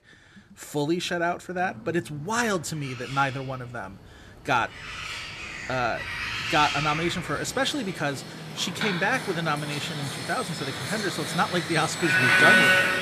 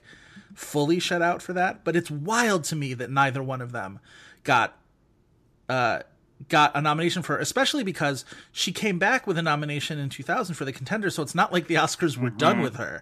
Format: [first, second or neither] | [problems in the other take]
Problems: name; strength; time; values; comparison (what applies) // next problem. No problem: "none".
second | animal sounds; very loud; throughout; 2 dB above the speech